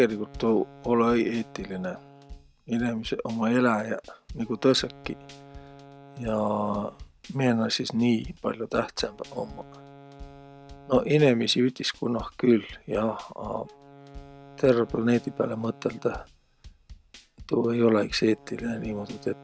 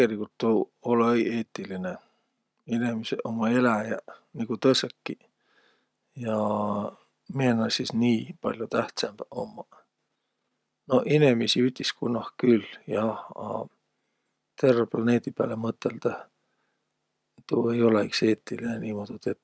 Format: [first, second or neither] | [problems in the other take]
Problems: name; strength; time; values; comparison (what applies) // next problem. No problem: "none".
second | background sound (Wind instrument, woodwind instrument + Drum kit); 20 dB below the speech